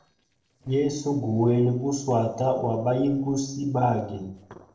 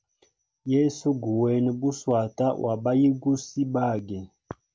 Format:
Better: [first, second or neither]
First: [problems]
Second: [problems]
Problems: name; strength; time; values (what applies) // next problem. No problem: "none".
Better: second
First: noise reduction (neural separator model SepFormer DNS4)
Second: none